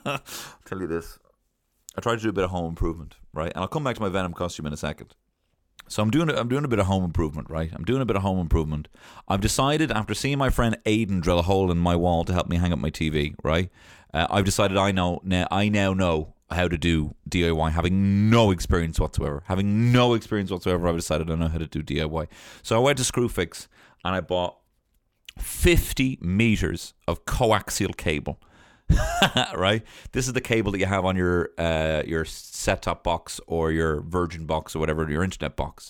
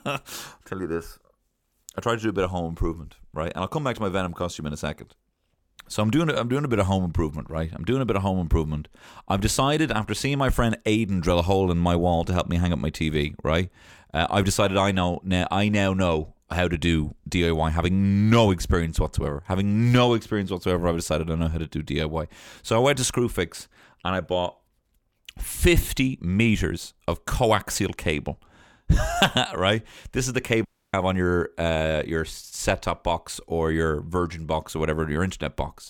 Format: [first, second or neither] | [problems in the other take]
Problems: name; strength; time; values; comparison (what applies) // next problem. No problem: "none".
first | audio cutting out; at 31 s